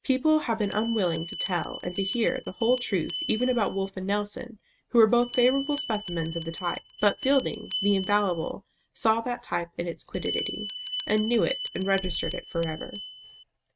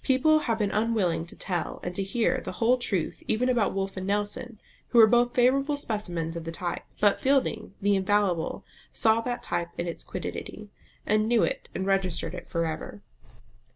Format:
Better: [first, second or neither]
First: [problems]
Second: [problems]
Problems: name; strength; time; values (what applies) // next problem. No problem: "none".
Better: second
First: noise reduction (neural mask model RNNoise)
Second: none